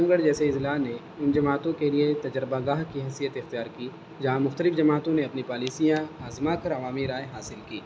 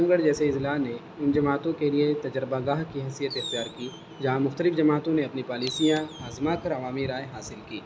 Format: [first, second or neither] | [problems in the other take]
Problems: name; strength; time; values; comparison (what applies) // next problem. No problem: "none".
first | background sound (Fireworks); 13 dB below the speech